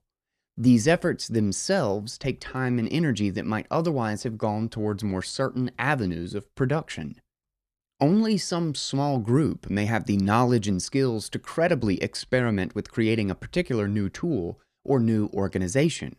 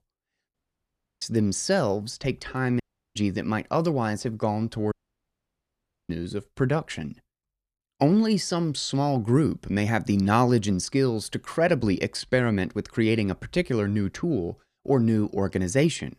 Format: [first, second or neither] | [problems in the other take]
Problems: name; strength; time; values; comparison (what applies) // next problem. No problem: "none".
first | audio cutting out; at 0.5 s for 0.5 s, at 3 s and at 5 s for 1 s